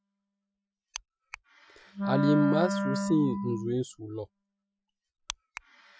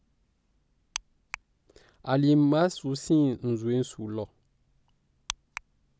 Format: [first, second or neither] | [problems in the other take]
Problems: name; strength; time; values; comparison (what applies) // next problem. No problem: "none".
second | noise reduction (classical method Wiener filter)